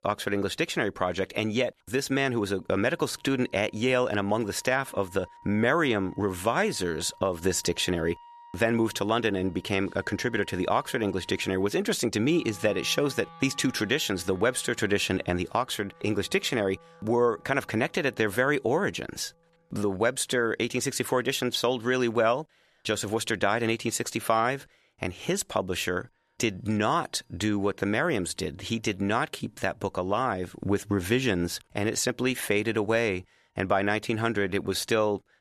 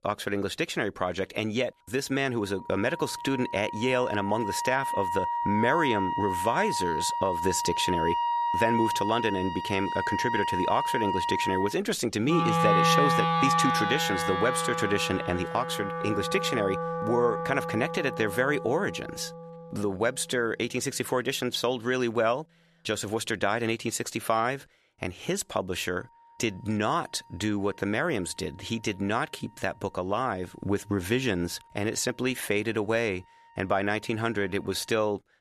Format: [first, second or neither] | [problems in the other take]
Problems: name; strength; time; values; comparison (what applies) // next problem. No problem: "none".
first | background music; loud; throughout; 1 dB below the speech; faint in the first